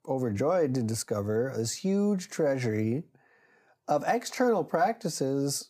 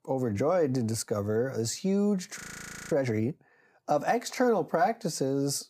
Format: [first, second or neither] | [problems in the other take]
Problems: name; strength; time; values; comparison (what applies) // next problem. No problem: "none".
first | audio freezing; at 2.5 s for 0.5 s